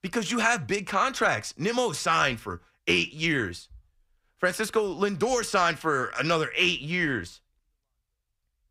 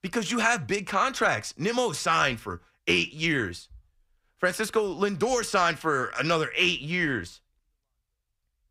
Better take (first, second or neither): neither